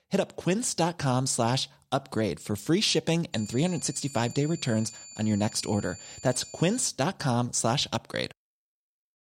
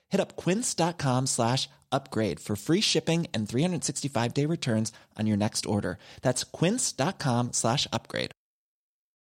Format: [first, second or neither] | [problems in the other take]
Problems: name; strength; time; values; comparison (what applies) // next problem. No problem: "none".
second | high-pitched whine; noticeable; from 3.5 to 7 s; 7 kHz, 15 dB below the speech